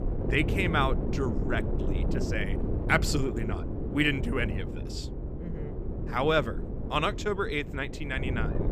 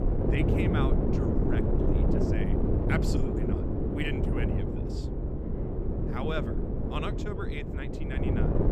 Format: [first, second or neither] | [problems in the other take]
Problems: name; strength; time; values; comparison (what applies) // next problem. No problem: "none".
first | wind noise on the microphone; heavy; 3 dB above the speech; occasional gusts in the first